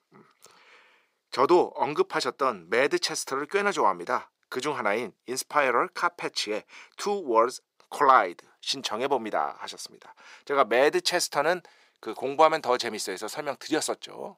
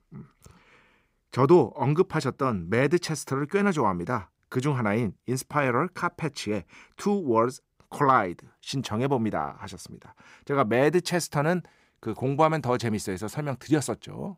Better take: second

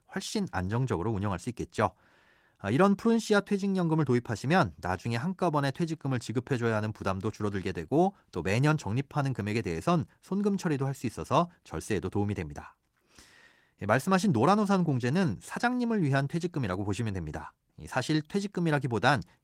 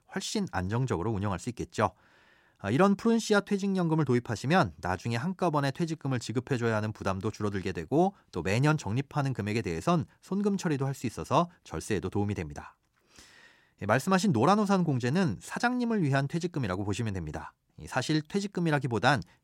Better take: second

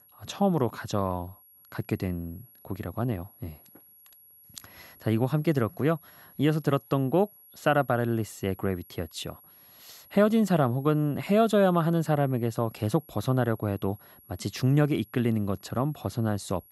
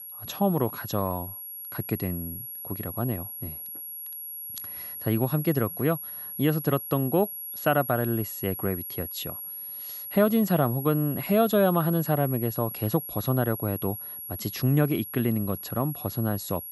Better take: first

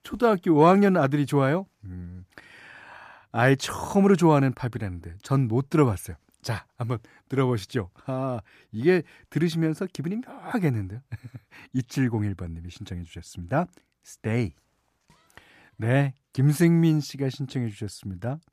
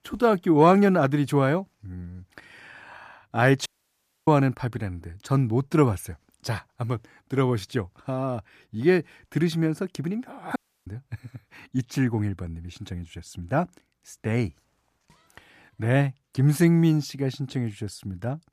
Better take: first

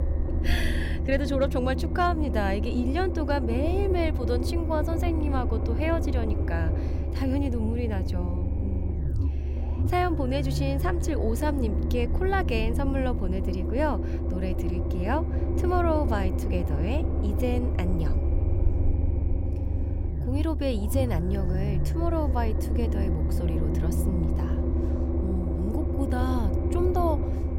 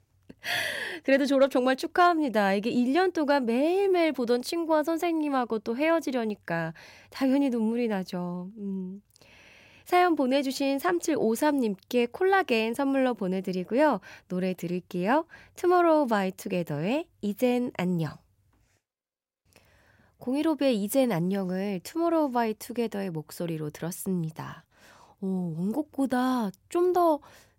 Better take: second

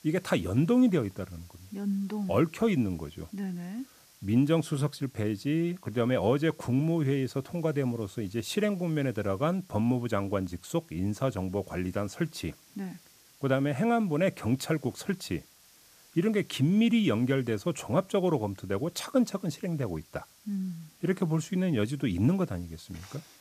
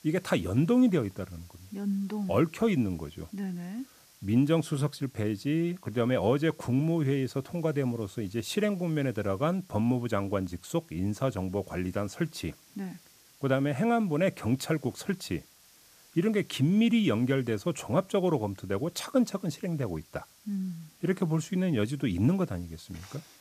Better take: neither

